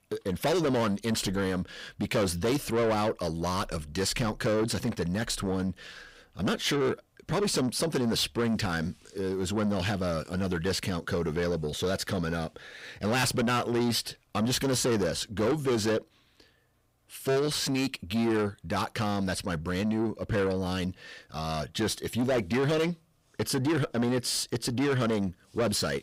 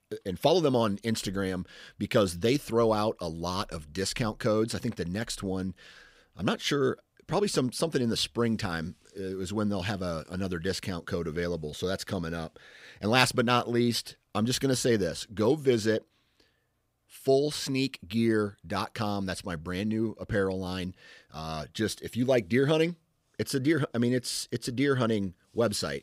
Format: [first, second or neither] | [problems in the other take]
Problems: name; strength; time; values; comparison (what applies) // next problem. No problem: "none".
second | distortion; heavy; 8 dB below the speech